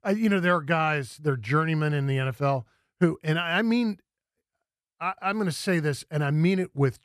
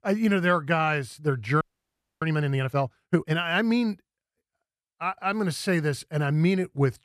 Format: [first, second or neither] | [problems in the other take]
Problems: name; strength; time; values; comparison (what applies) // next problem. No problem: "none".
first | audio freezing; at 1.5 s for 0.5 s